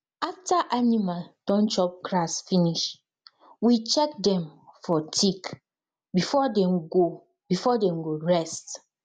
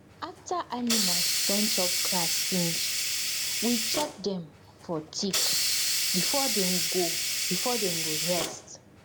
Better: first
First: none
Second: background sound (Hiss); 4 dB above the speech

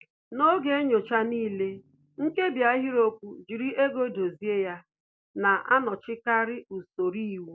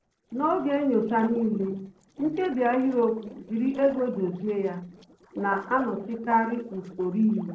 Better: first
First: none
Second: noise reduction (neural separator model SepFormer DNS4)

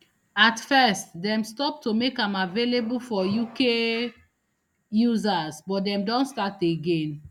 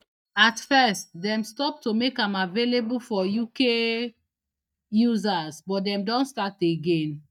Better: first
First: none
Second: noise reduction (neural mask model DeepFilterNet 3)

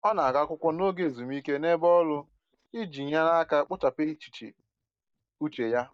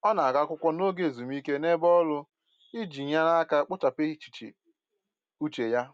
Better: second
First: noise reduction (neural mask model DeepFilterNet 3)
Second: none

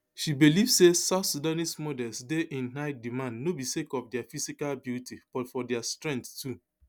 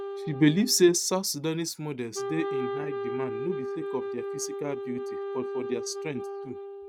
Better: first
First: none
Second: noise reduction (neural mask model RNNoise)

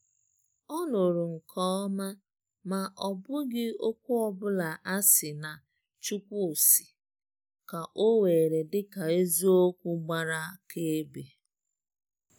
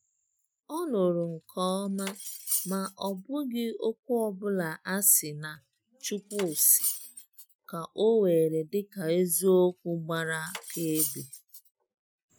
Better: first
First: none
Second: noise reduction (classical method Wiener filter)

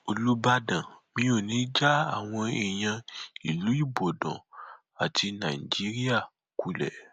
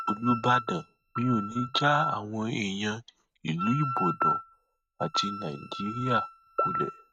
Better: first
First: none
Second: noise reduction (neural mask model RNNoise)

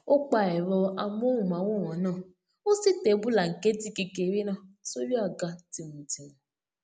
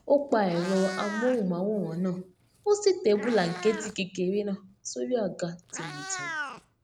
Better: first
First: none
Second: background sound (Meow); 13 dB below the speech

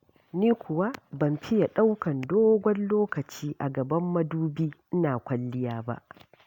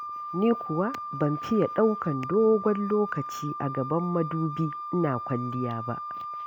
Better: first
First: none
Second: background sound (Wind instrument, woodwind instrument); 8 dB below the speech

